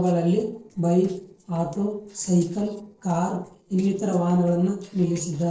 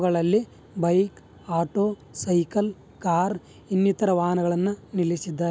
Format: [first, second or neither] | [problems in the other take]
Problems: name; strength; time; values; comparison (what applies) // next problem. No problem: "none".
second | noise reduction (neural separator model SepFormer DNS4)